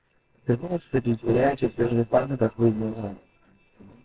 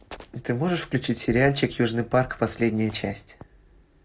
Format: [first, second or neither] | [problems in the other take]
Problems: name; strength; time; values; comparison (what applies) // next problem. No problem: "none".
second | noise reduction (neural separator model SepFormer WHAMR!)